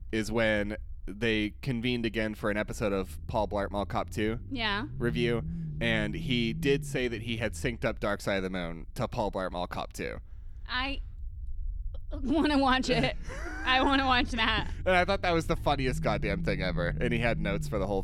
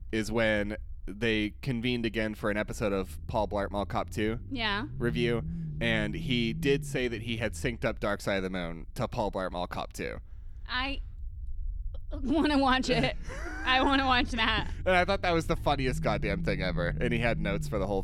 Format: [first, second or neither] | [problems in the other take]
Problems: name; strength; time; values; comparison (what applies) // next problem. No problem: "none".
neither | low rumble; noticeable; throughout; 20 dB below the speech; the same in both